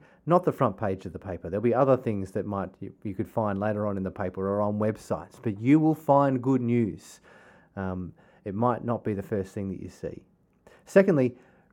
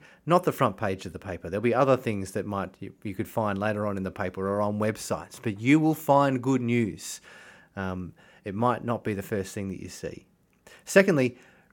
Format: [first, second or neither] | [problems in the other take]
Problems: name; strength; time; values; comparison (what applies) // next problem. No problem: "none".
second | muffled; slightly; fading above 1.5 kHz